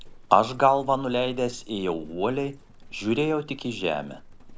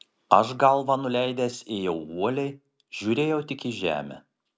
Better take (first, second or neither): second